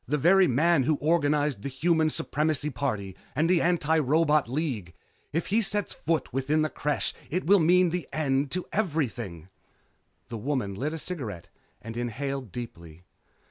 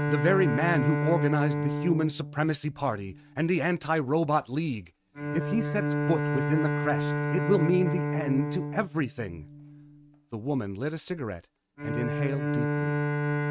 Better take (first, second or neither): first